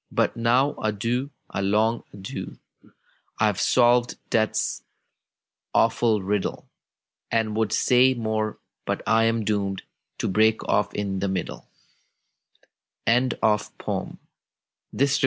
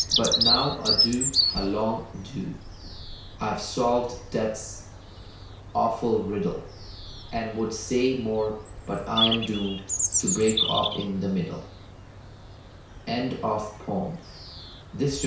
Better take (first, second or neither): first